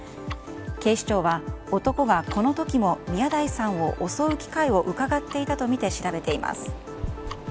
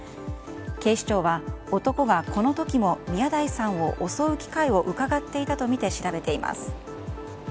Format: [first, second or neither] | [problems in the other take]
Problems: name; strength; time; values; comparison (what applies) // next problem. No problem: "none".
second | background sound (Tick-tock); 18 dB below the speech